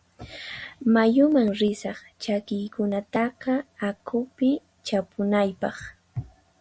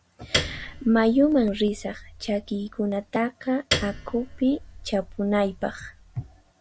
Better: first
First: none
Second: background sound (Piano); 9 dB below the speech

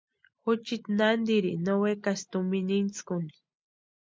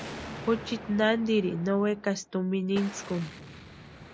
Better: first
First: none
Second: background sound (Explosion); 14 dB below the speech

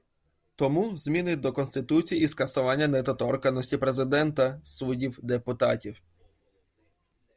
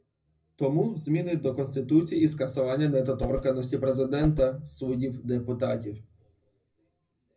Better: first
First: none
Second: background sound (Whoosh, swoosh, swish); 8 dB below the speech // room echo; dies away in 0.4 s

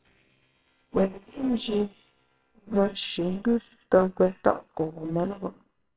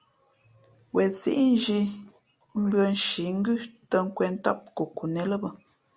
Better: second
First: noise reduction (neural separator model SepFormer WHAMR!)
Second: none

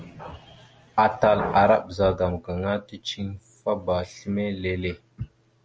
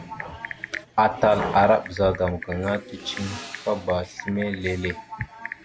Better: first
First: none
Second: background sound (Typing); 13 dB below the speech

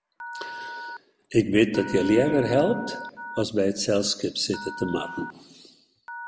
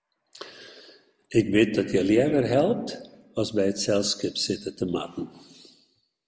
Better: second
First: background sound (Telephone); 14 dB below the speech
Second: none

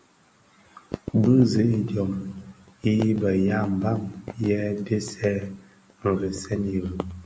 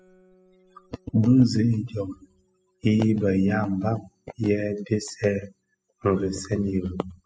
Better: first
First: none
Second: noise reduction (classical method spectral subtraction)

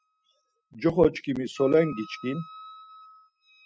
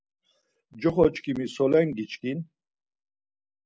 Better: second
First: noise reduction (classical method spectral subtraction)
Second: none

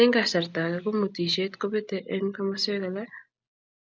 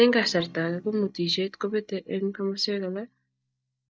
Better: first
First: none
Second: noise reduction (neural mask model DeepFilterNet 3)

